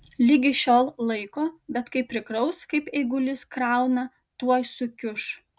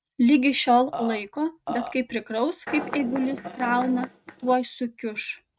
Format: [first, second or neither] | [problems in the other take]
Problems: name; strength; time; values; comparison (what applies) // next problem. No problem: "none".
first | noise reduction (neural mask model RNNoise)